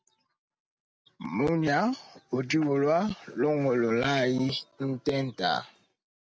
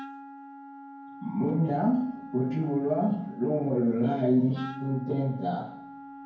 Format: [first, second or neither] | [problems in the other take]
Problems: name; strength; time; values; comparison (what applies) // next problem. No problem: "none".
first | background sound (Wind instrument, woodwind instrument); 16 dB below the speech // room echo; dies away in 0.9 s